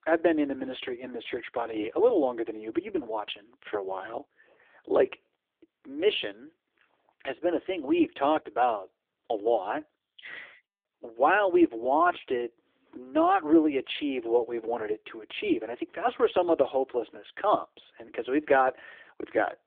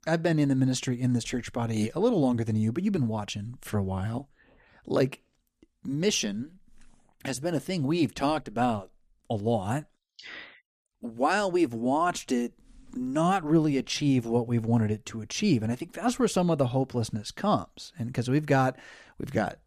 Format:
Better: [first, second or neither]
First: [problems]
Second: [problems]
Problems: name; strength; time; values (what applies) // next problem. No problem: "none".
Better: second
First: phone-call audio; poor line; nothing above 3.5 kHz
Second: none